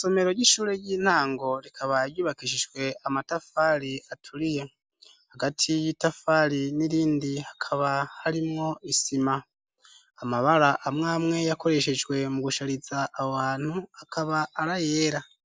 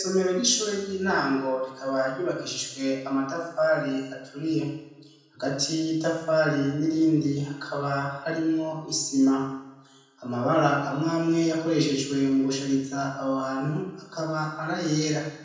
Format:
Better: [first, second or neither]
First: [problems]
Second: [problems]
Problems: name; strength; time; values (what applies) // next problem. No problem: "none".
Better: first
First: none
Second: room echo; dies away in 0.9 s